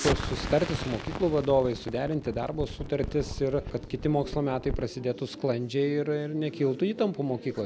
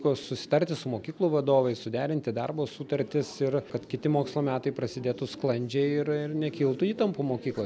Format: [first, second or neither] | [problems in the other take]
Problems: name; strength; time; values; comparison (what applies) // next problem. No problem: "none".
second | background sound (Explosion); 9 dB below the speech